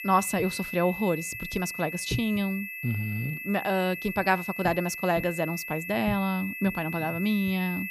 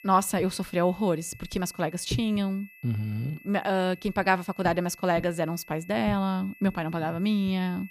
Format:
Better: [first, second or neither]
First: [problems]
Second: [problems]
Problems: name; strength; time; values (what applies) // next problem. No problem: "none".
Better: second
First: high-pitched whine; loud; throughout; 2.5 kHz, 7 dB below the speech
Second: high-pitched whine; faint; throughout; 2.5 kHz, 20 dB below the speech